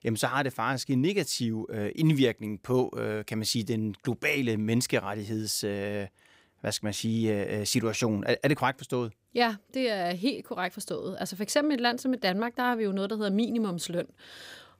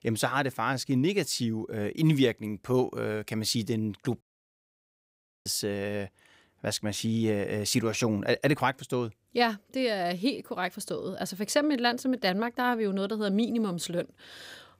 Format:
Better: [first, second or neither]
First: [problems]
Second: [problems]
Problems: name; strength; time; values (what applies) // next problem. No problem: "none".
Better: first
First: none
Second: audio cutting out; at 4 s for 1.5 s